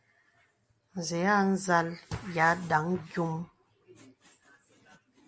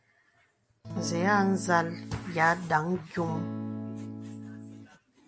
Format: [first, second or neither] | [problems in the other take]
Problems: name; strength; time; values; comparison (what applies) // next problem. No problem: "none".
first | background sound (Acoustic guitar / Strum); 7 dB below the speech